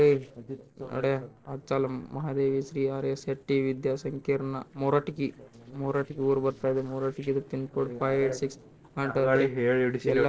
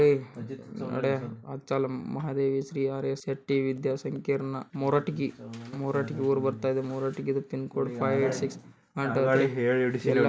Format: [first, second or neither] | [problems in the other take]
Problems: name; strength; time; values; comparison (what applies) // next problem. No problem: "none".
second | noise reduction (neural separator model SepFormer DNS4)